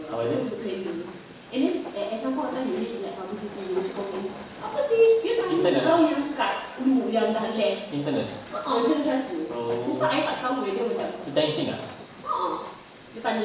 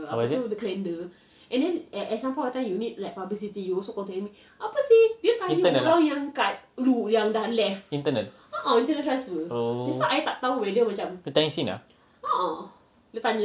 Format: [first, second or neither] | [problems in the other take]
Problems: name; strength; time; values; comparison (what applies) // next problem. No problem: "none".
second | background sound (Train); 15 dB below the speech // room echo; dies away in 0.7 s